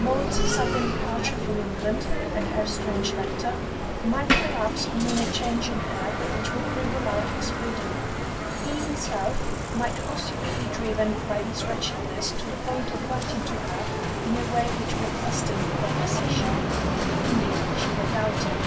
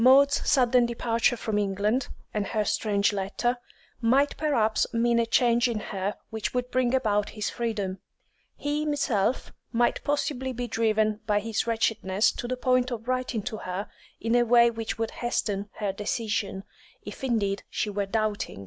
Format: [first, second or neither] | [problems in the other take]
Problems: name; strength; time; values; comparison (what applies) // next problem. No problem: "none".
second | background sound (Bicycle); 3 dB above the speech // room echo; dies away in 0.1 s